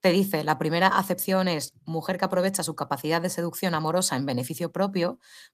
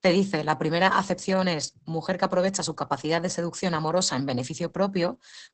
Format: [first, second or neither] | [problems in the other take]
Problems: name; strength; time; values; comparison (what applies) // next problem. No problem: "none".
first | garbled, watery; badly; nothing above 8 kHz; slightly in the first